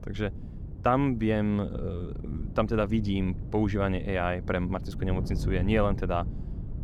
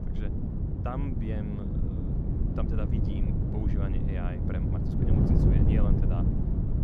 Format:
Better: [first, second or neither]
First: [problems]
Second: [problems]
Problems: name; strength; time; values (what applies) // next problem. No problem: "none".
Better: first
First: wind noise on the microphone; occasional gusts; 15 dB below the speech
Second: wind noise on the microphone; heavy; 4 dB above the speech